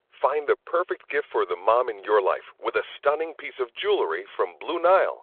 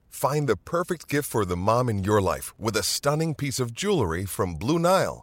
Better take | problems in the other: second | phone-call audio

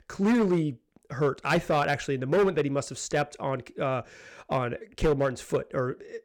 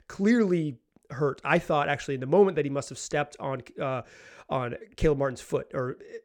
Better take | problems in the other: second | distortion; slight; 5% of the sound clipped

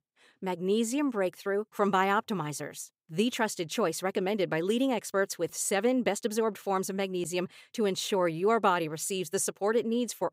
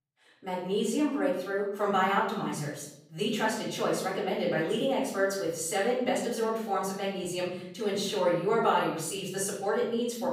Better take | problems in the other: first | room echo; noticeable; dies away in 0.7 s // off-mic speech; far

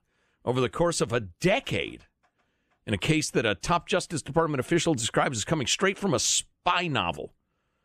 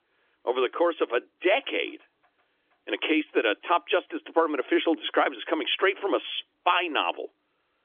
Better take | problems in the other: first | phone-call audio; nothing above 3.5 kHz

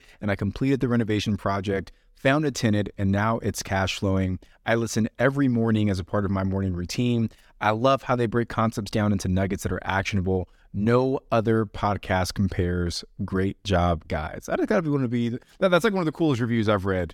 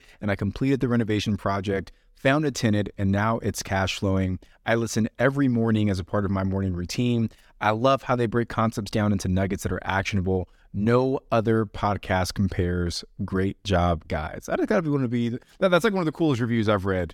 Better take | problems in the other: neither | none

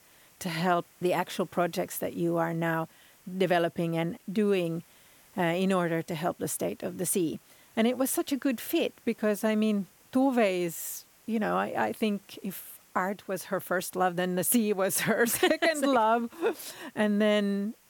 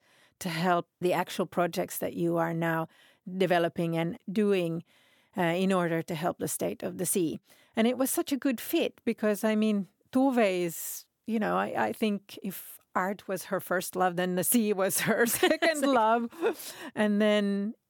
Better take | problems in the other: second | hiss; faint; throughout; 30 dB below the speech

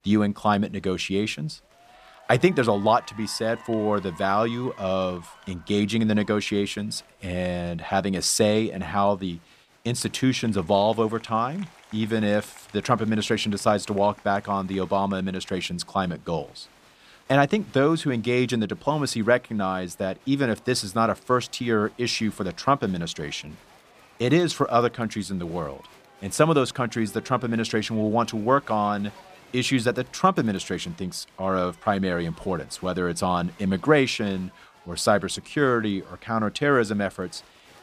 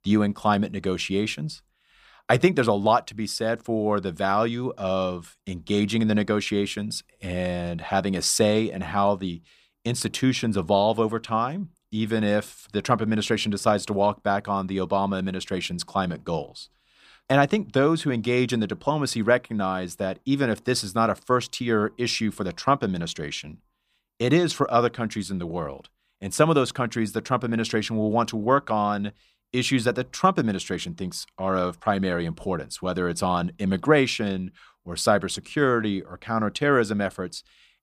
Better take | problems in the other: second | crowd noise; faint; throughout; 25 dB below the speech

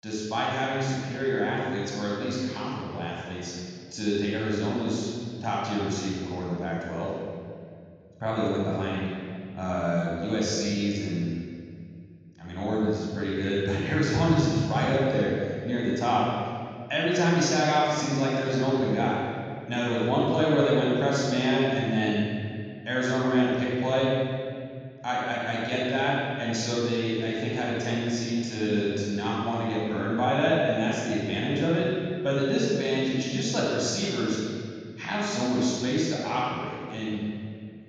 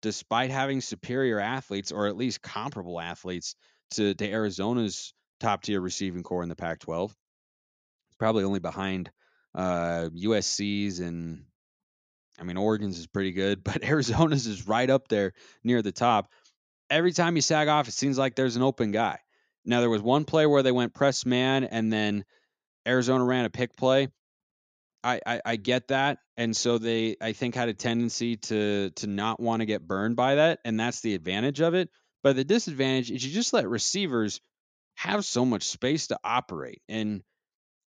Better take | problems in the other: second | off-mic speech; far // room echo; strong; dies away in 2.3 s

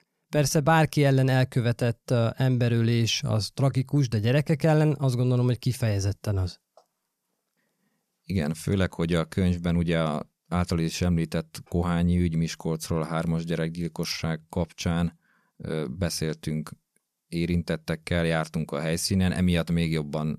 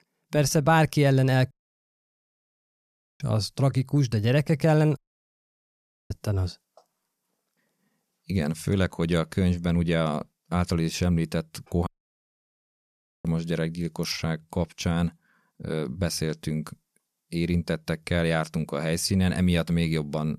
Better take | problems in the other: first | audio cutting out; at 1.5 s for 1.5 s, at 5 s for 1 s and at 12 s for 1.5 s

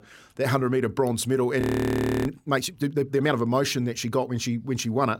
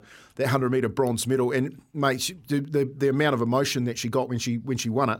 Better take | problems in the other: second | audio freezing; at 1.5 s for 0.5 s

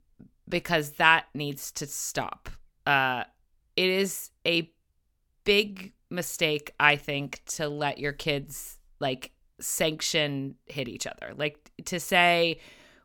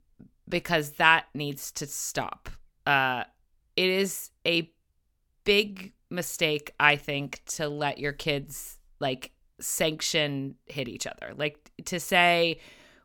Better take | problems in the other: neither | none

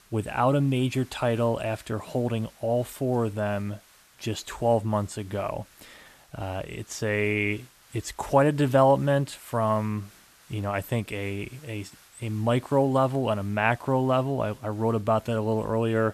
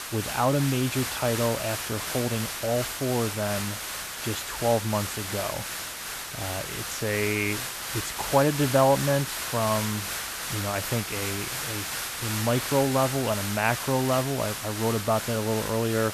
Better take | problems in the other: first | hiss; loud; throughout; 4 dB below the speech; faint in the first

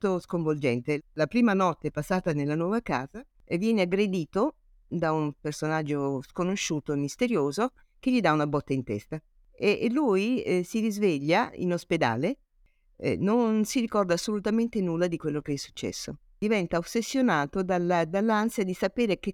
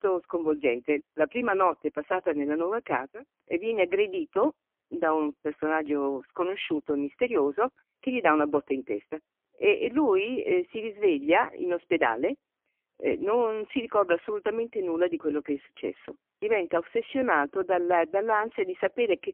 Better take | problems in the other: first | phone-call audio; poor line; nothing above 3 kHz

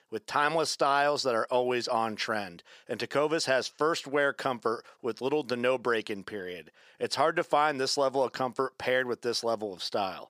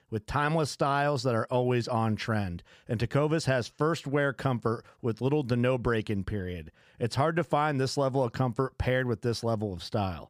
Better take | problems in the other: second | thin; somewhat; fading below 400 Hz

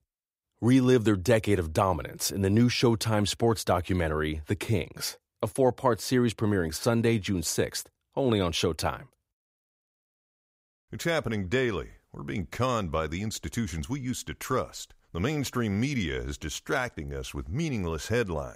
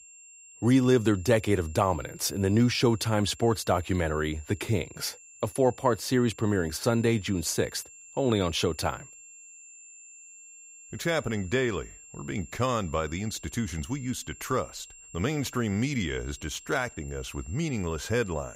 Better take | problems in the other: first | high-pitched whine; noticeable; throughout; 7.5 kHz, 20 dB below the speech

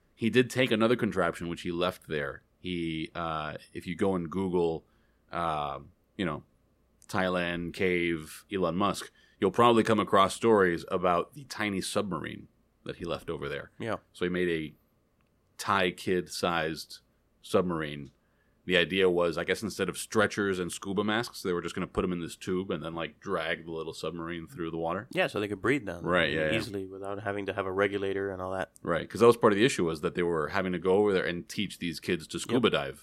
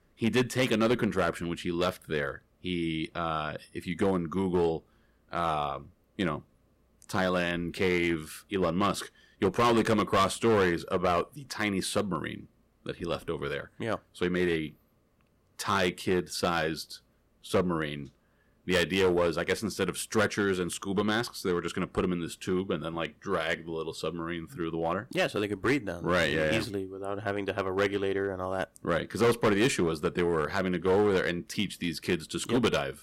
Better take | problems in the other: first | distortion; slight; 5% of the sound clipped

